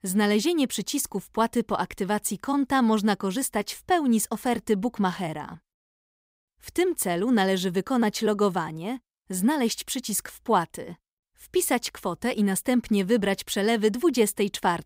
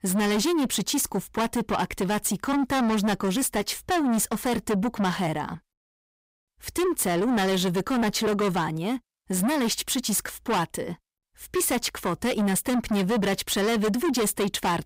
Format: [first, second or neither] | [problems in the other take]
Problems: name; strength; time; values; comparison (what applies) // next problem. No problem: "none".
first | distortion; heavy; 6 dB below the speech